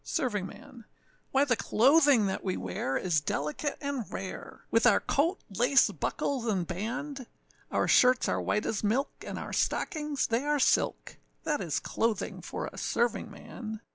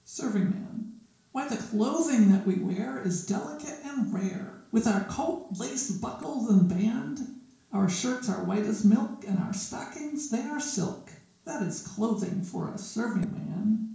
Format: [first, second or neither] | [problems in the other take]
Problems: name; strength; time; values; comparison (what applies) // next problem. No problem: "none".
first | noise reduction (neural separator model SepFormer DNS4)